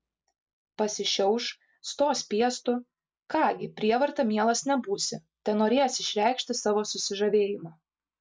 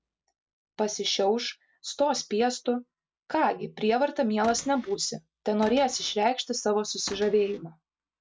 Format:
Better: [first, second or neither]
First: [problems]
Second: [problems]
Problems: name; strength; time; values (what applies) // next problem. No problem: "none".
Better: first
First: none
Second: background sound (Cupboard open or close / Door); 17 dB below the speech